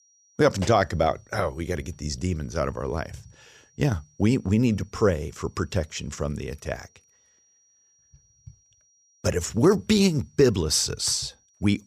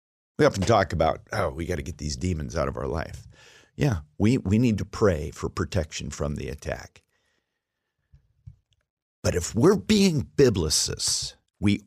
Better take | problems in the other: second | high-pitched whine; faint; throughout; 5.5 kHz, 35 dB below the speech

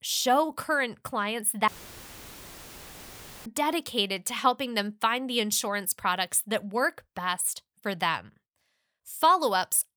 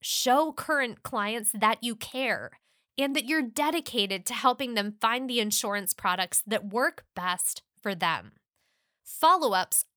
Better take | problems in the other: second | audio cutting out; filled with static; at 1.5 s for 2 s

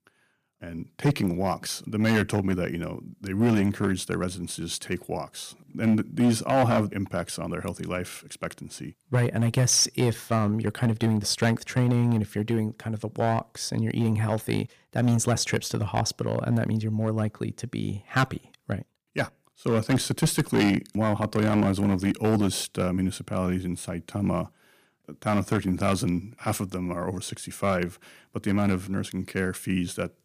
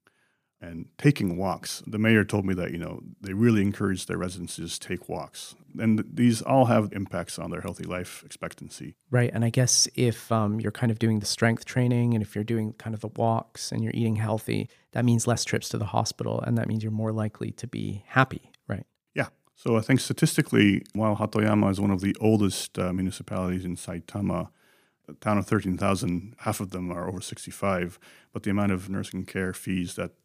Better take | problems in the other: second | distortion; slight; 4% of the sound clipped

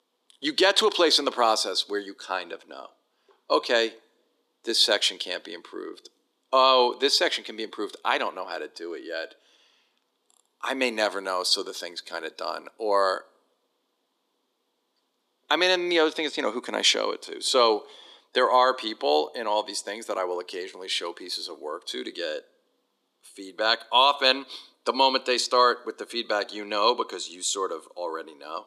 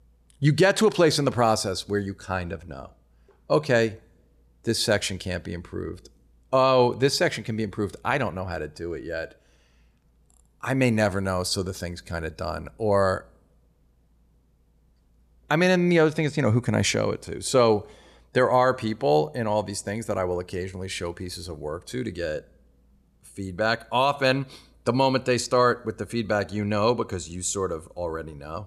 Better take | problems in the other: second | thin; somewhat; fading below 300 Hz

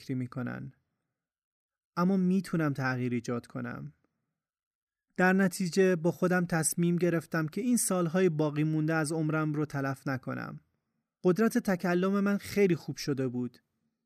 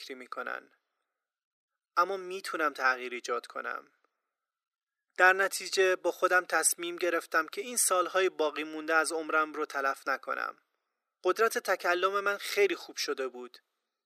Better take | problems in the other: first | thin; very; fading below 400 Hz

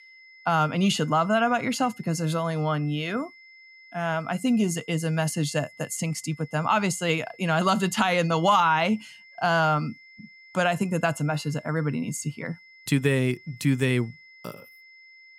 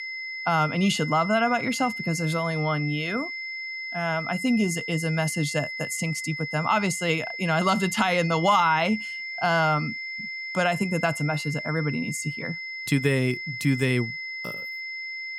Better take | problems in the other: first | high-pitched whine; loud; throughout; 2 kHz, 7 dB below the speech; faint in the first

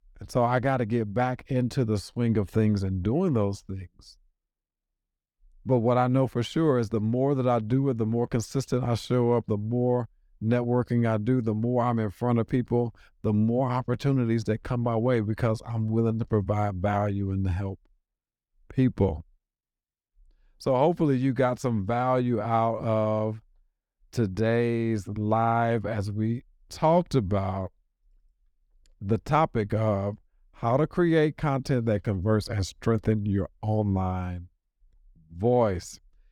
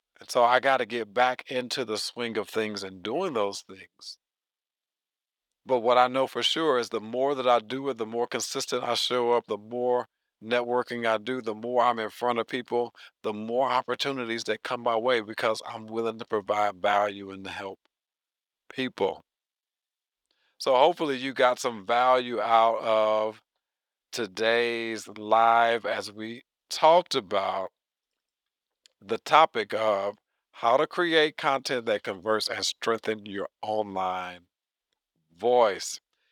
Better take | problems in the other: first | thin; very; fading below 600 Hz

